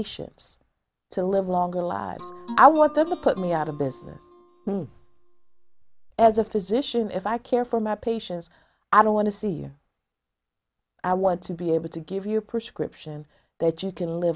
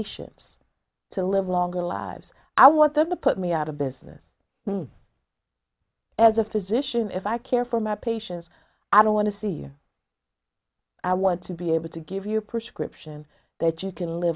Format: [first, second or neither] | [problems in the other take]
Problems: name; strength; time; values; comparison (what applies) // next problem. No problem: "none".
second | background sound (Guitar); 17 dB below the speech